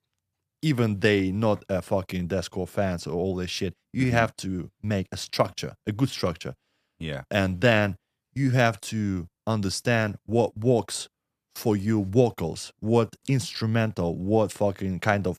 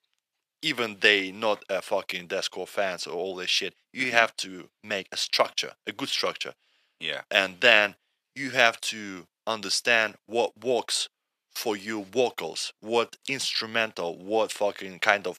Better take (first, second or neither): first